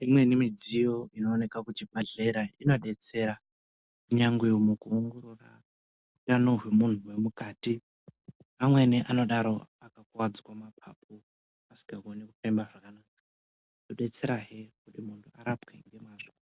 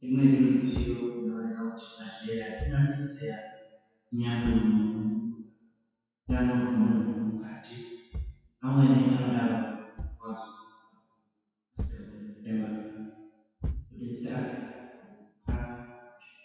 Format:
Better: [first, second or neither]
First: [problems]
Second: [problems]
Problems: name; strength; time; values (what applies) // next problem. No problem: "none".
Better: first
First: none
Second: noise reduction (classical method WPE with log-MMSE)